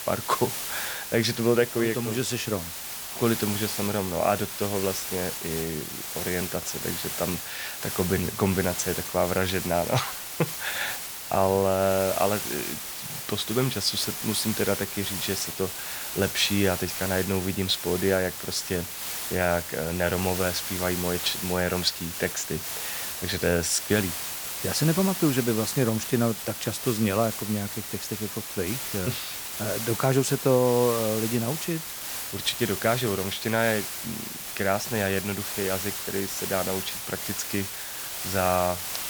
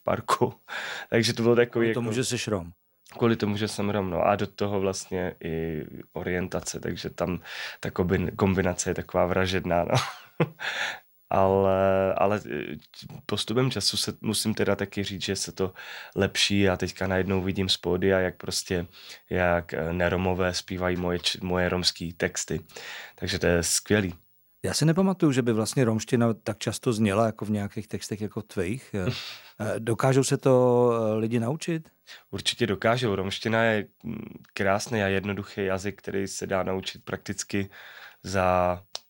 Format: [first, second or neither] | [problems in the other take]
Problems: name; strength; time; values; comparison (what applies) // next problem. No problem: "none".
second | hiss; loud; throughout; 4 dB below the speech